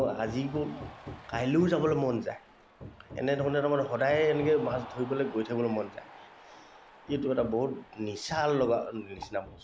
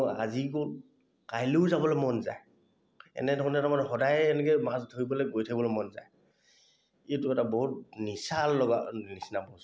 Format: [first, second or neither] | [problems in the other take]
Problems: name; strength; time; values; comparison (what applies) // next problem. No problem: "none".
second | background sound (Hammer + Cheering); 16 dB below the speech